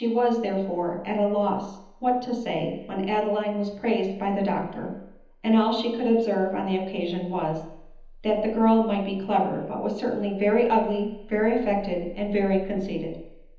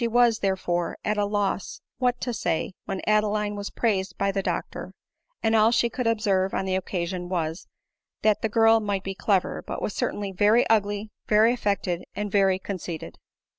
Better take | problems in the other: second | room echo; dies away in 1.3 s

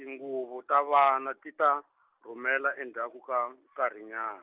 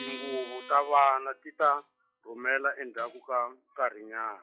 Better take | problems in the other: first | noise reduction (classical method log-MMSE)

